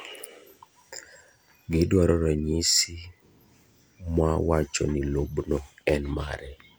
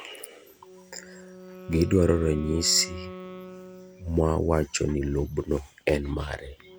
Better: first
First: none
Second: background sound (Wind instrument, woodwind instrument); 17 dB below the speech

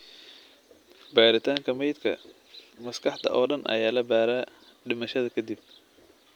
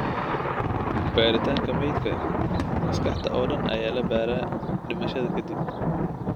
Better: first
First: none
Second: background sound (Thunder); 3 dB above the speech

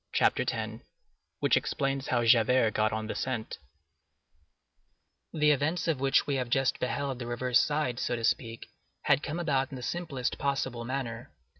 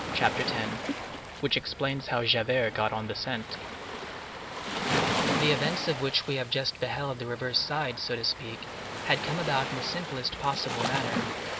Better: first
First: none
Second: background sound (Waves, surf); 3 dB below the speech

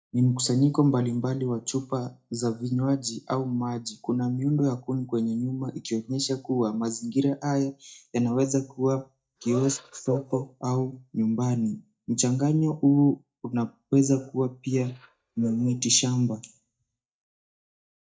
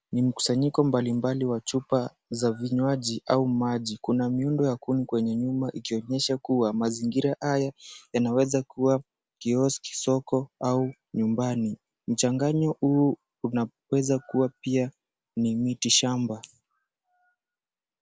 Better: second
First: noise reduction (neural mask model DeepFilterNet 3)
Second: none

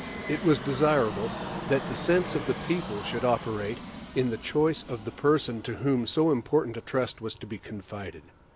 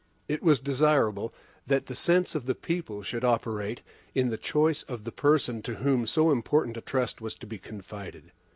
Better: second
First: background sound (Fixed-wing aircraft, airplane); 11 dB below the speech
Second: none

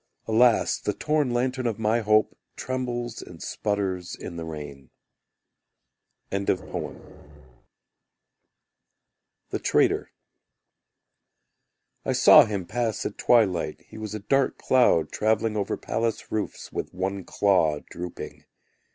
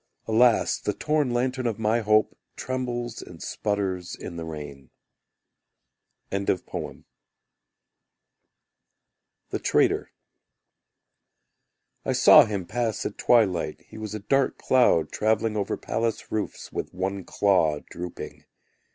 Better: second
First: background sound (Growling); 16 dB below the speech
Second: none

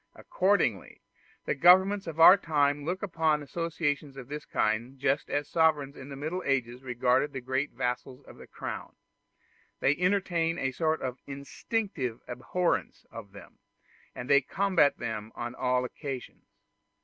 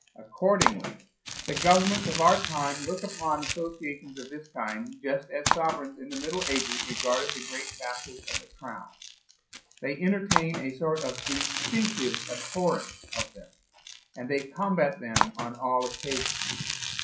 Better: first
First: none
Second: noise reduction (classical method WPE with log-MMSE)

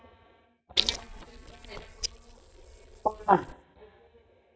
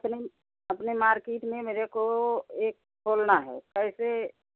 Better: second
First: noise reduction (neural mask model DeepFilterNet 3)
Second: none

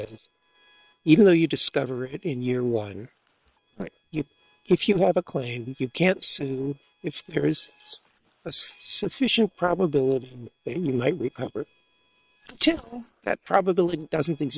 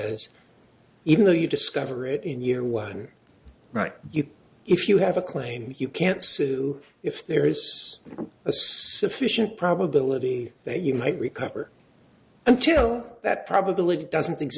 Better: second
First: noise reduction (neural separator model SepFormer WHAM!)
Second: none

